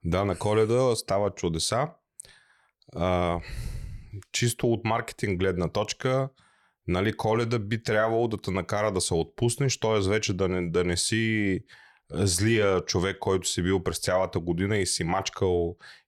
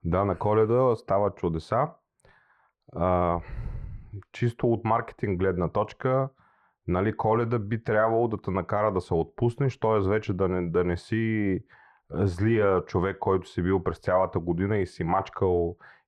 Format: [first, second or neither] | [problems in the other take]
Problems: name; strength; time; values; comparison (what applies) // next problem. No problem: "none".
first | muffled; very; fading above 3 kHz